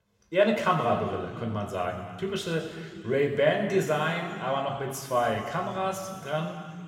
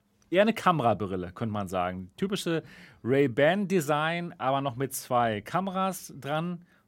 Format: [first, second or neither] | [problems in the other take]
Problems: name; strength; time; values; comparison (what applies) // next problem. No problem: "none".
second | room echo; noticeable; dies away in 2.2 s // off-mic speech; somewhat distant